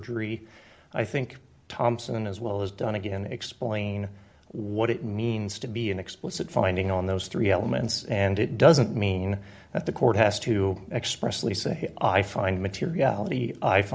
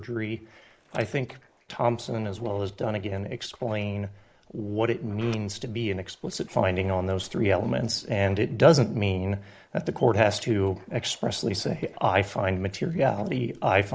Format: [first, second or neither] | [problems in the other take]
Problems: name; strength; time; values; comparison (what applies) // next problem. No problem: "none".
first | noise reduction (neural mask model Resemble Enhance denoiser)